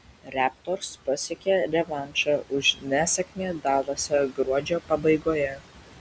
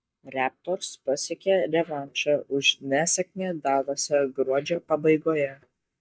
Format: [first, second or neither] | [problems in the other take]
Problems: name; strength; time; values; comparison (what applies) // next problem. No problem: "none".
first | noise reduction (neural mask model DeepFilterNet 3)